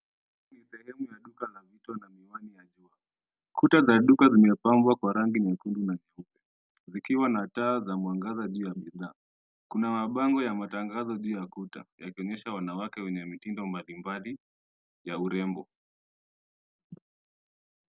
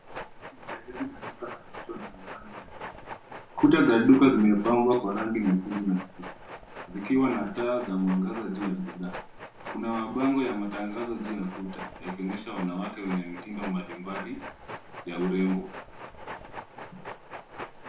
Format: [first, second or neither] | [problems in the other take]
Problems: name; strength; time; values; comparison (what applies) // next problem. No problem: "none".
first | background sound (Train); 14 dB below the speech // room echo; dies away in 0.3 s